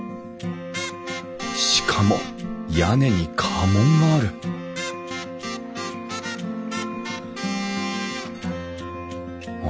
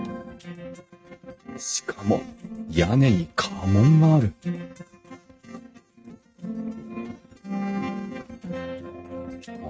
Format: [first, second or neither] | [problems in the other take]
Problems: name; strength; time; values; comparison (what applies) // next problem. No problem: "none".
first | noise reduction (neural mask model RNNoise)